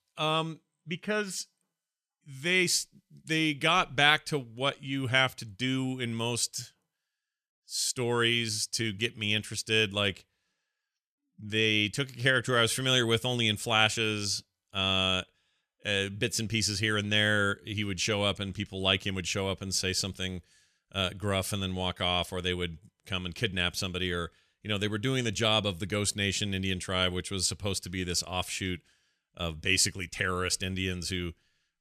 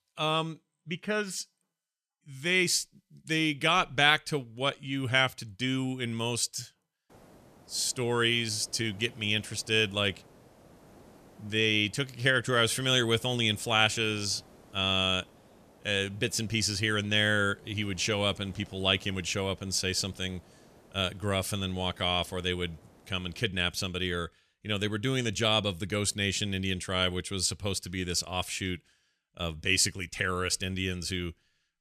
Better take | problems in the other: first | hiss; faint; from 7 to 23 s; 30 dB below the speech

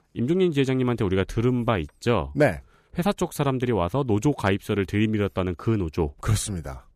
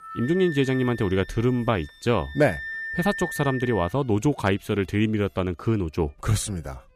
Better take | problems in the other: first | background music; noticeable; throughout; 10 dB below the speech

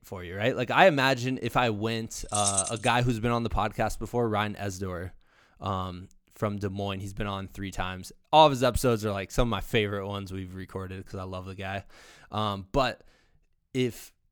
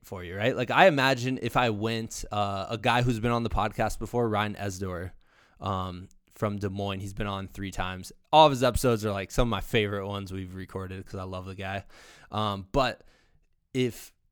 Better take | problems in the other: second | jangling keys; loud; at 2.5 s; peak 2 dB above the speech

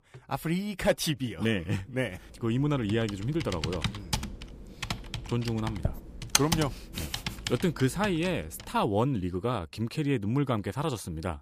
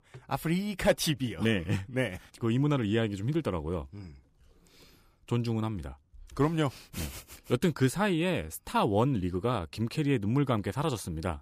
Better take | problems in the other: second | keyboard typing; loud; from 3 to 8 s; peak 4 dB above the speech

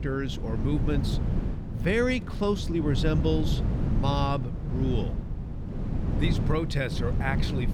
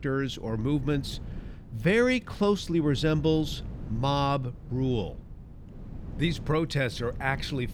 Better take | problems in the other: second | low rumble; loud; throughout; 9 dB below the speech; faint in the second

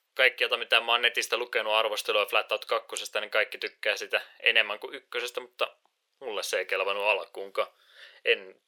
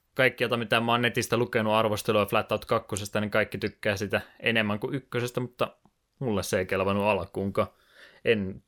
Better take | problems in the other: second | thin; very; fading below 450 Hz

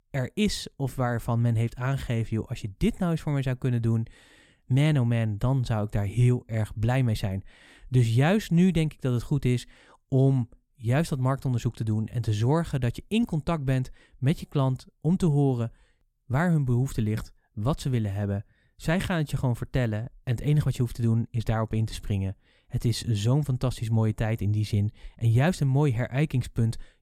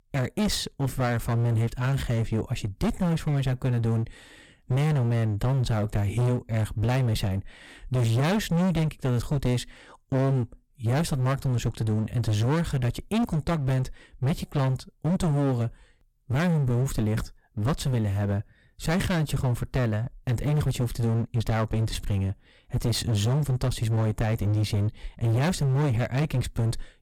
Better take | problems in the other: first | distortion; heavy; 27% of the sound clipped

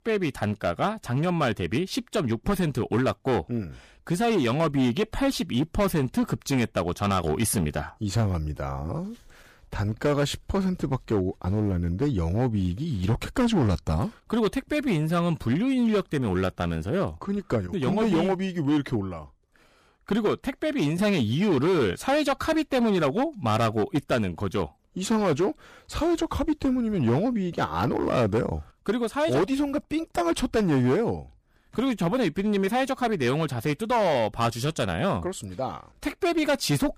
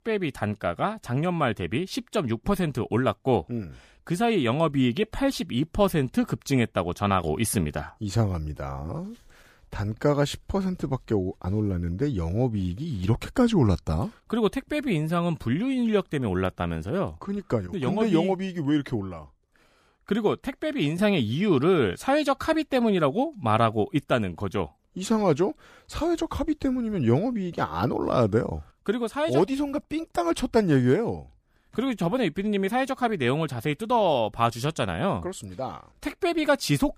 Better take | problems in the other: second | distortion; slight; 8% of the sound clipped

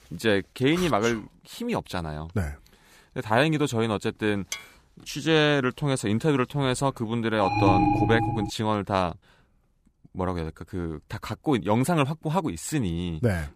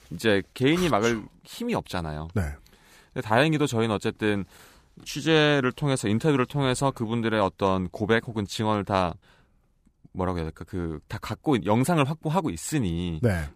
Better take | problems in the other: second | clattering dishes; noticeable; at 4.5 s; peak 10 dB below the speech // alarm; loud; from 7.5 to 8.5 s; peak 5 dB above the speech

